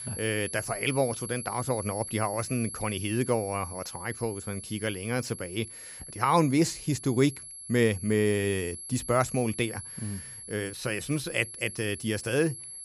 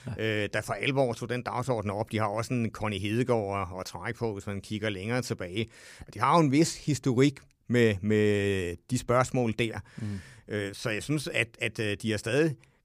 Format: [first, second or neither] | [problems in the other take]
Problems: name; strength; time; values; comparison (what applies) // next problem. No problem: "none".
second | high-pitched whine; loud; throughout; 11 kHz, 10 dB below the speech